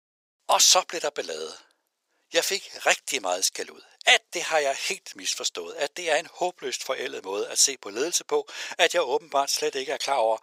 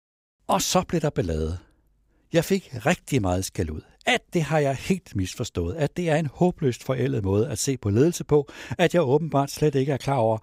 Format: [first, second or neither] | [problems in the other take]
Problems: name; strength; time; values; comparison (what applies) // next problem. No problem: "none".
second | thin; very; fading below 550 Hz